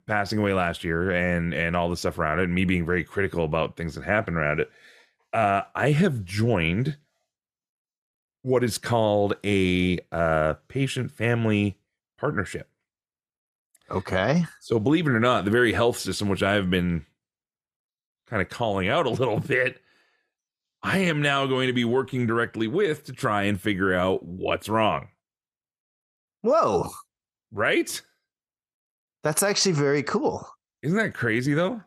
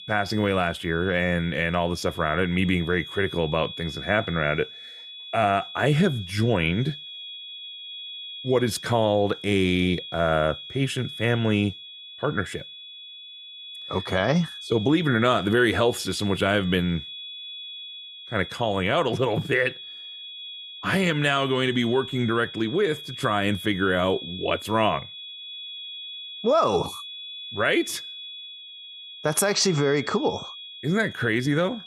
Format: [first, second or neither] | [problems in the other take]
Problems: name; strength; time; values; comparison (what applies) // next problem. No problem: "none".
first | high-pitched whine; noticeable; throughout; 3.5 kHz, 10 dB below the speech